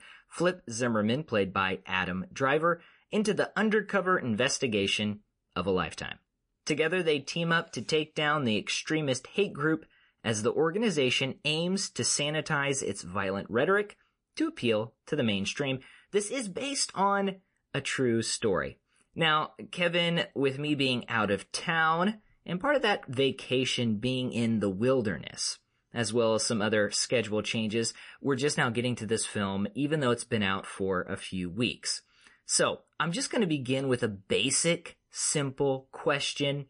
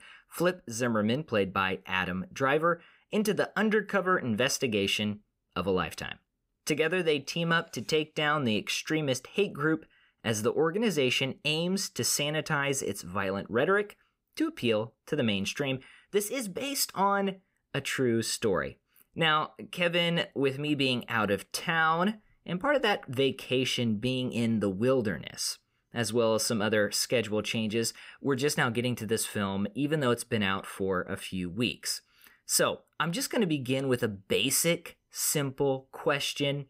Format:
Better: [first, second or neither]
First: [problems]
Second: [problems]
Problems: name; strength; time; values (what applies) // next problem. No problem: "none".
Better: second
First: garbled, watery; slightly; nothing above 10.5 kHz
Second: none